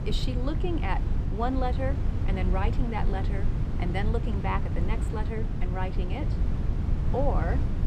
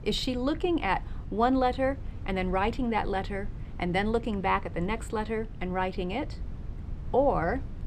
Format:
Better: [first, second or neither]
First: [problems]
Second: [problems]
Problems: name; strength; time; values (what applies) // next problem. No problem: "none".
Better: second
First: low rumble; loud; throughout; 7 dB below the speech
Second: low rumble; faint; throughout; 25 dB below the speech